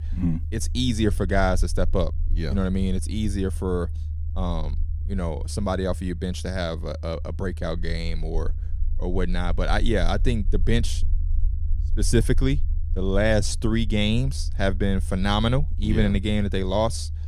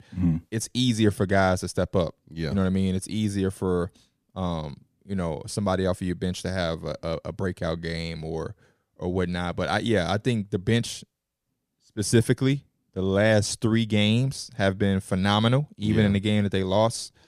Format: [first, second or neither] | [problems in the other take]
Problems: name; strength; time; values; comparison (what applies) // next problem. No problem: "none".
second | low rumble; faint; throughout; 20 dB below the speech